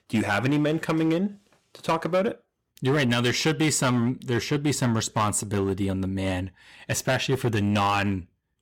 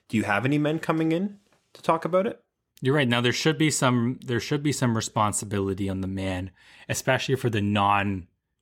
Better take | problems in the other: second | distortion; slight; 8% of the sound clipped

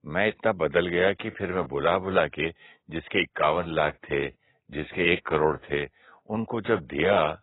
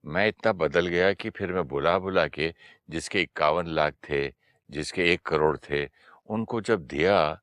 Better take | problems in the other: second | garbled, watery; badly; nothing above 4 kHz

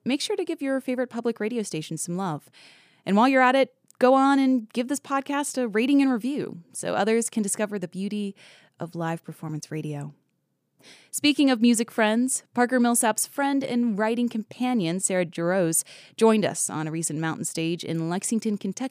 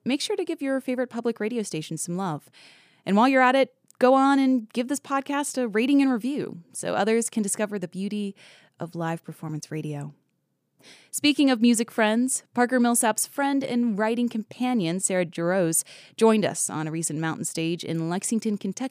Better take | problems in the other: neither | none

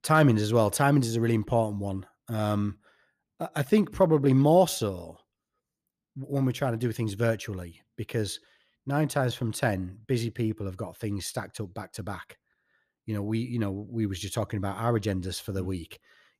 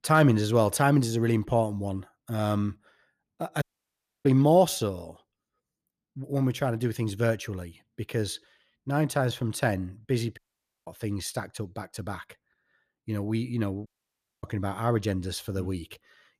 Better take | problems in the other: first | audio cutting out; at 3.5 s for 0.5 s, at 10 s and at 14 s for 0.5 s

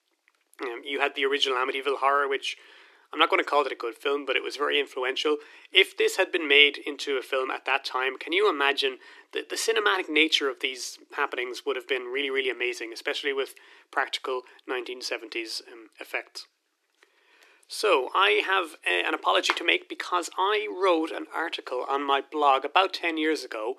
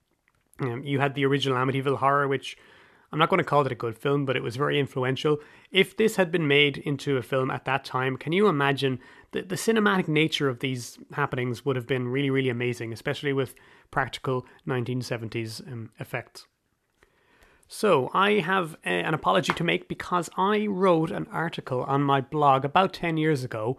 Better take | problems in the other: second | thin; very; fading below 300 Hz

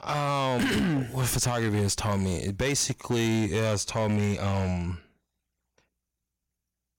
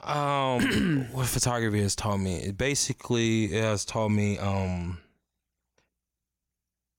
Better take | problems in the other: second | distortion; slight; 12% of the sound clipped

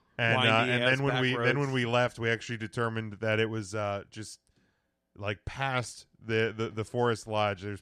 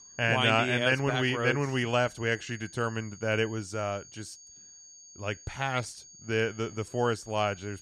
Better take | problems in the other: first | high-pitched whine; noticeable; throughout; 6.5 kHz, 20 dB below the speech

